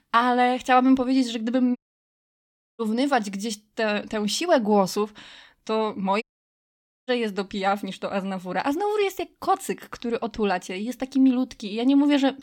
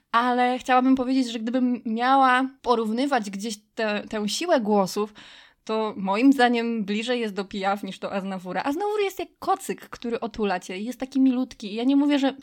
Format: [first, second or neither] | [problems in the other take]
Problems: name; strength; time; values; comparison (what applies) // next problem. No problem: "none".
second | audio cutting out; at 2 s for 1 s and at 6 s for 1 s